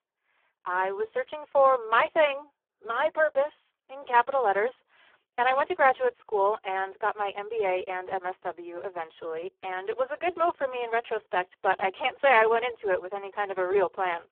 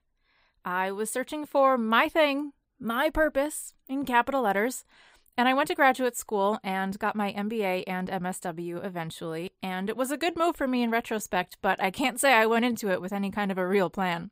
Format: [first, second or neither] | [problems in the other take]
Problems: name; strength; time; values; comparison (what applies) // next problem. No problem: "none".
second | phone-call audio; poor line